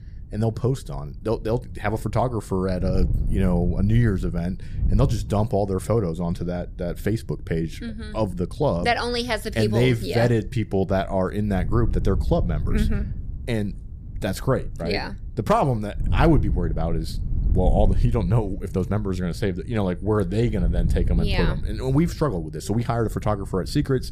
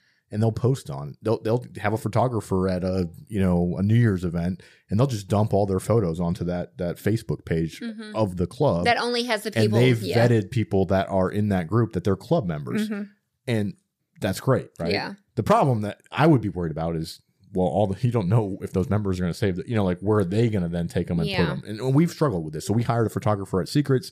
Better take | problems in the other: second | wind noise on the microphone; occasional gusts; 20 dB below the speech

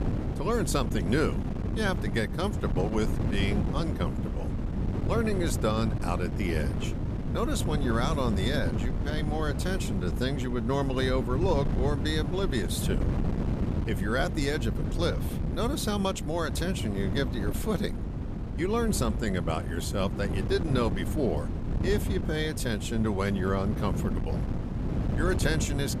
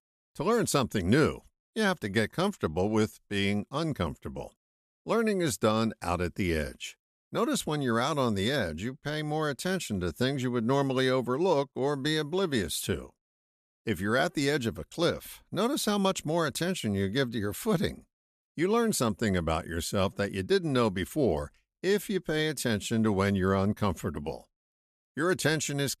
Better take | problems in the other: second | wind noise on the microphone; heavy; 8 dB below the speech

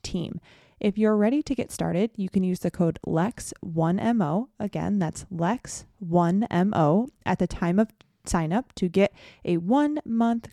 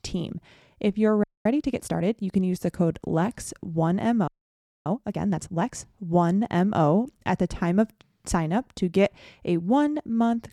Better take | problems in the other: first | audio freezing; at 1 s and at 4.5 s for 0.5 s

